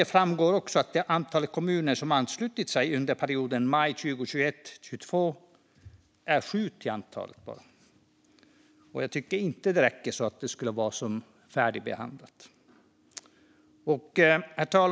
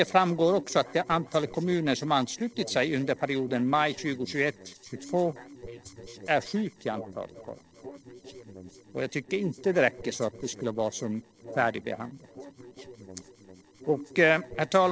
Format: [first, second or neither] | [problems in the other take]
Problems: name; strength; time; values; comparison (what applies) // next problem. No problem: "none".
first | noise reduction (neural separator model SepFormer DNS4)